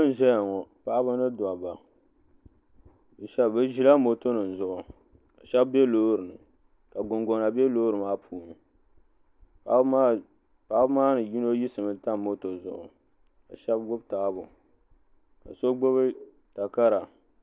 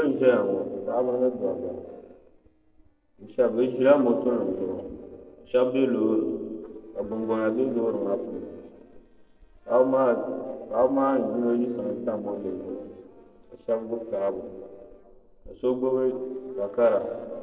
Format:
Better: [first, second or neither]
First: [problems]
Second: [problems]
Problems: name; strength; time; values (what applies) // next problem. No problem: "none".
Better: first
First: none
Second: noise reduction (neural separator model SepFormer DNS4)